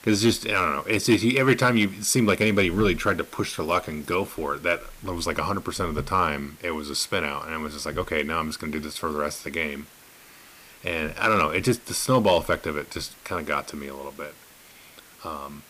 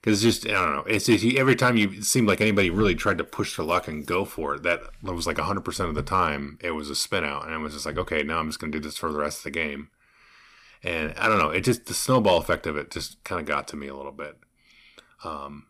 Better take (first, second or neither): second